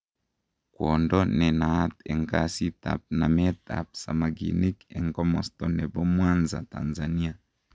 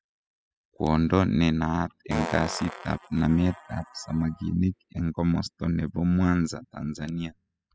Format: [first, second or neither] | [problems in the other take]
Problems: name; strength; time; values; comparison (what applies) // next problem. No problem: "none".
first | noise reduction (classical method spectral subtraction)